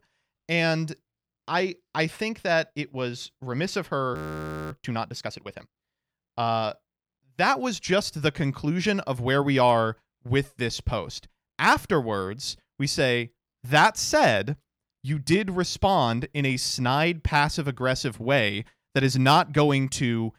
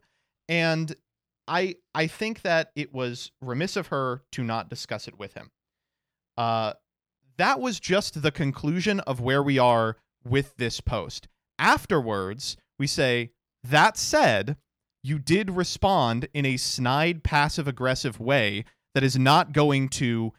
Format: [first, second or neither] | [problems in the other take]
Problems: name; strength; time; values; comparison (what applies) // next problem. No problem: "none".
second | audio freezing; at 4 s for 0.5 s